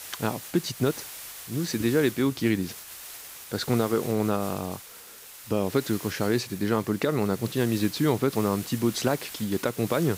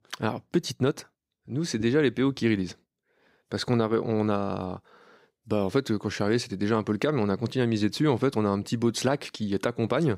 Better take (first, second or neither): second